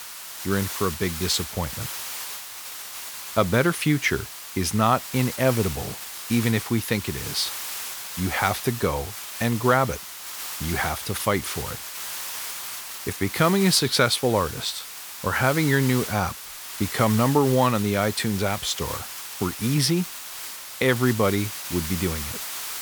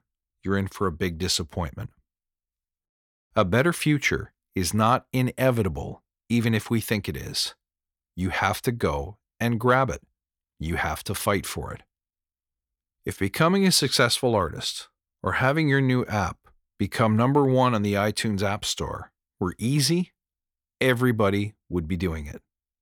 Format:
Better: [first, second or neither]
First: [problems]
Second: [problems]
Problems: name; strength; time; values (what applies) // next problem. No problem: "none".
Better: second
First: hiss; loud; throughout; 8 dB below the speech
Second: none